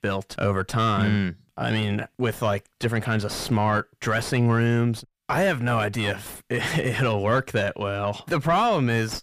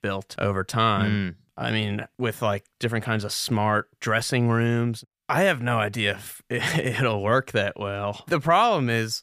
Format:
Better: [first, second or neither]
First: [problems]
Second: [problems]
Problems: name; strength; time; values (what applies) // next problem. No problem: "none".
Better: second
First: distortion; slight; 10 dB below the speech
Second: none